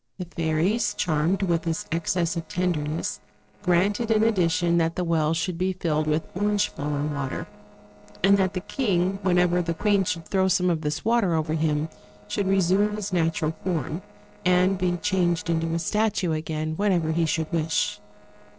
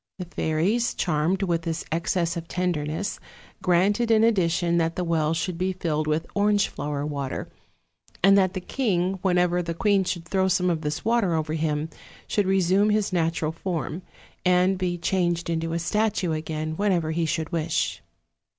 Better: second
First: noise reduction (neural separator model SepFormer DNS4)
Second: none

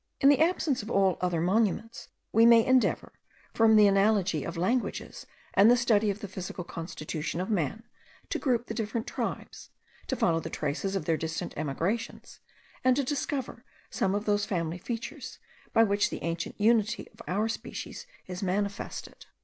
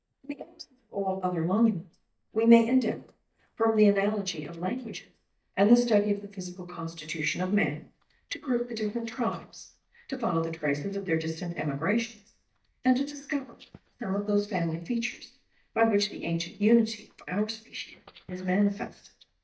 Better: first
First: none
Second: noise reduction (neural mask model DeepFilterNet 3)

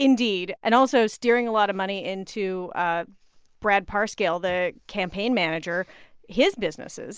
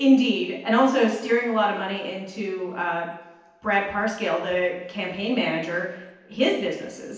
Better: first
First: none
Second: room echo; dies away in 0.9 s

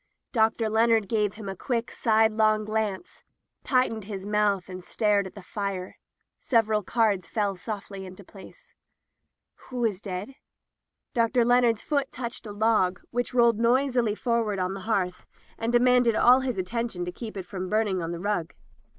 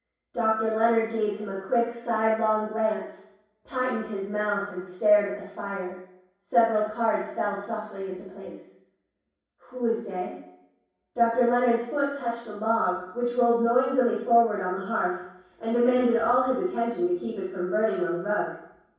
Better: first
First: none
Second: room echo; dies away in 0.7 s

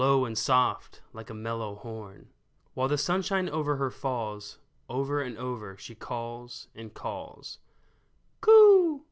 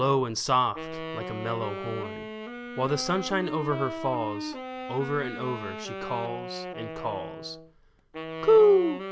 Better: first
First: none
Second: background sound (Wind instrument, woodwind instrument); 9 dB below the speech

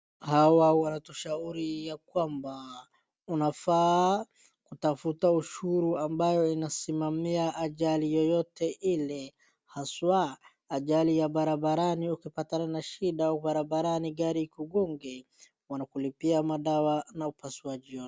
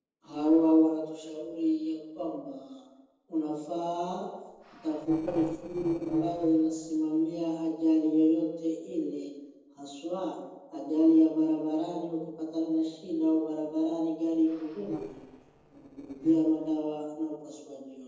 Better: first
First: none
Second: noise reduction (neural separator model SepFormer DNS4)

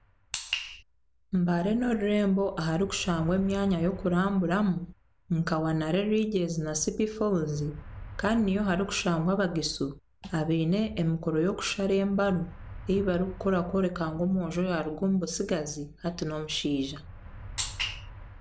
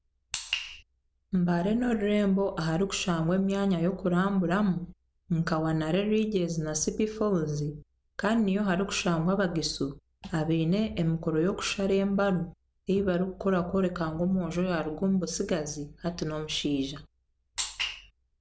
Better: second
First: background sound (Motor vehicle (road)); 19 dB below the speech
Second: none

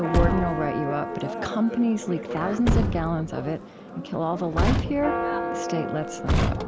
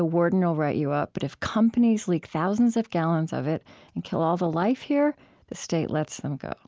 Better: second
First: background sound (Church bell + Truck); 1 dB above the speech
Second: none

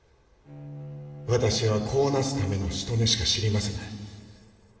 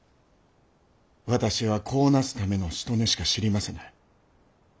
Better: second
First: background sound (Bowed string instrument); 17 dB below the speech // room echo; dies away in 2.3 s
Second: none

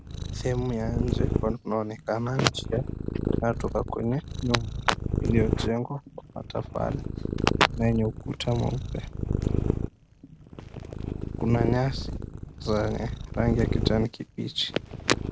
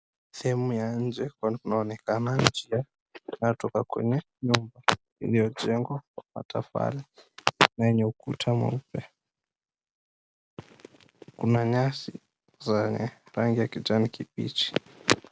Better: second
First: background sound (Purr); 2 dB below the speech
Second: none

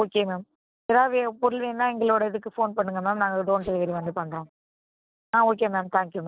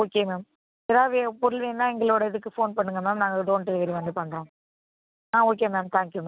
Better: second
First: noise reduction (neural separator model SepFormer DNS4)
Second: none

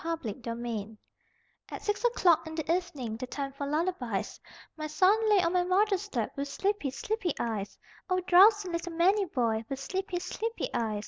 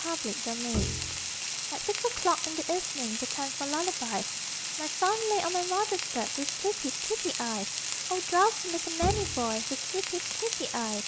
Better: first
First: none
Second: background sound (Frying (food) + Bowed string instrument); 1 dB below the speech

